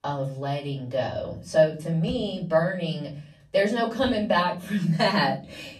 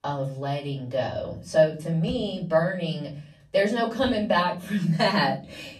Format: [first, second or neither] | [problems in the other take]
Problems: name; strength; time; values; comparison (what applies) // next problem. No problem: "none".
neither | off-mic speech; far; the same in both // room echo; slight; dies away in 0.4 s; the same in both